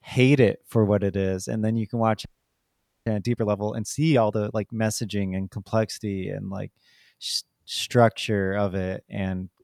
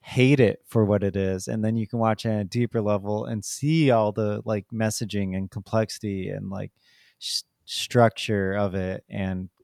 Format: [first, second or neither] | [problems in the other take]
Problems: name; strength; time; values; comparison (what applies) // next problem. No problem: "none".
second | audio freezing; at 2.5 s for 1 s